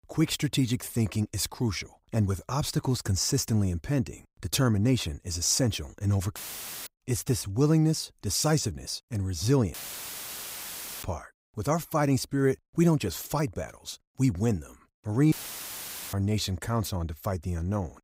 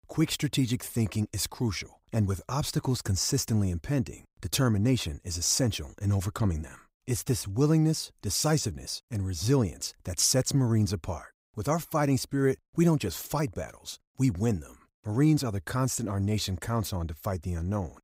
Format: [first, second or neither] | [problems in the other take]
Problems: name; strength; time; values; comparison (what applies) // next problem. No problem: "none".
second | audio cutting out; filled with static; at 6.5 s for 0.5 s, at 9.5 s for 1.5 s and at 15 s for 1 s